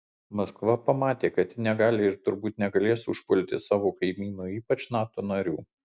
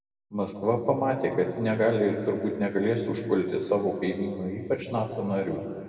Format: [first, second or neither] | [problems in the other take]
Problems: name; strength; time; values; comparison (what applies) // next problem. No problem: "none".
first | room echo; dies away in 2 s